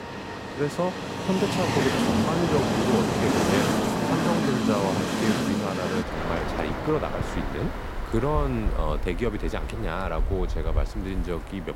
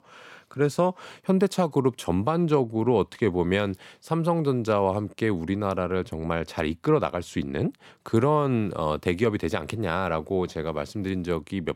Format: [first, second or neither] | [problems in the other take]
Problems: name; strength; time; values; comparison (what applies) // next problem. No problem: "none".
second | train or aircraft noise; very loud; throughout; 2 dB above the speech